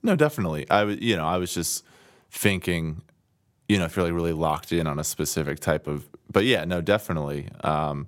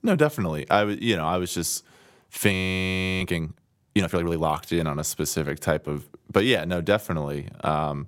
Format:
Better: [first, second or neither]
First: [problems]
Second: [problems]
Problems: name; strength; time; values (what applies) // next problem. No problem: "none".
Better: first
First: none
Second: audio freezing; at 2.5 s for 0.5 s